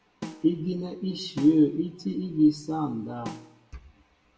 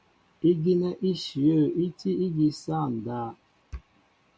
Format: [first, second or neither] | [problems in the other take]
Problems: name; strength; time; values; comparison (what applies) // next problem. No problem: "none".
second | background sound (Snare drum); 17 dB below the speech // room echo; dies away in 0.6 s